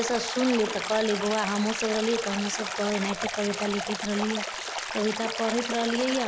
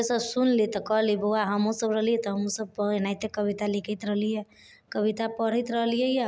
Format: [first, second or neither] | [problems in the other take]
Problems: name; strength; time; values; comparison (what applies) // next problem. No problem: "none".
second | background sound (Stream); 5 dB below the speech